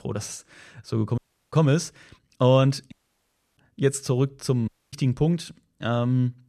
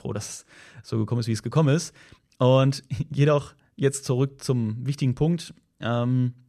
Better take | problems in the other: second | audio cutting out; at 1 s, at 3 s for 0.5 s and at 4.5 s

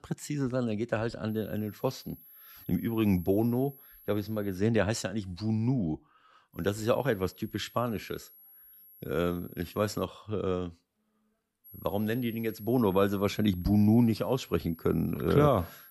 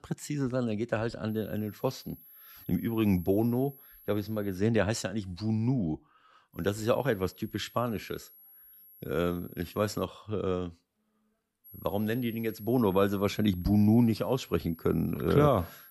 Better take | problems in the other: neither | high-pitched whine; faint; from 1.5 to 4.5 s, from 6.5 to 10 s and from 12 s on; 11.5 kHz, 20 dB below the speech; the same in both

